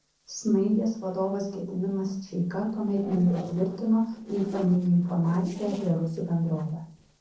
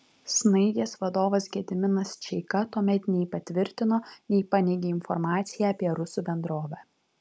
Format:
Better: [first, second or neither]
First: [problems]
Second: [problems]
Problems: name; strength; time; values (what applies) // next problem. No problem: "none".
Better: second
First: noise reduction (neural separator model SepFormer DNS4)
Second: none